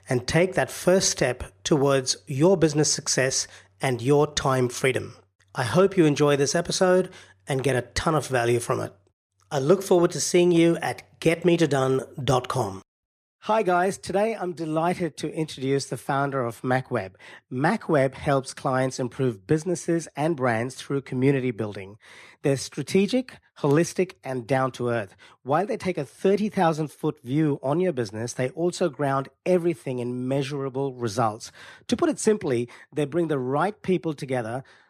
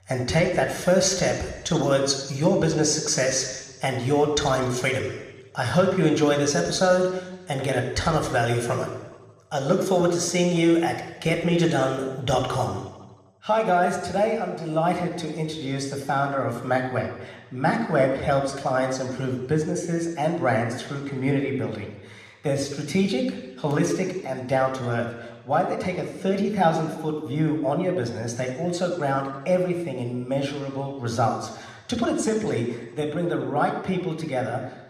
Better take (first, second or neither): first